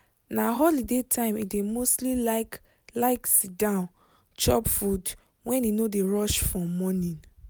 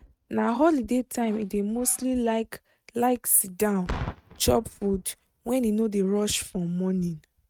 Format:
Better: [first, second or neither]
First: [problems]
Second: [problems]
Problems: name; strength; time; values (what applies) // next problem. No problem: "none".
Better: first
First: none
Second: noise reduction (neural mask model RNNoise)